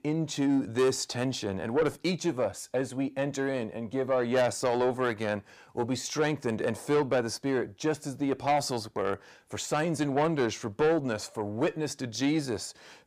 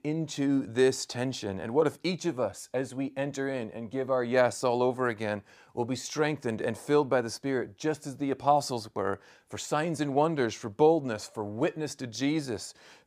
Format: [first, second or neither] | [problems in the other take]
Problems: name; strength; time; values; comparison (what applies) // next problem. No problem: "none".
second | distortion; slight; 10 dB below the speech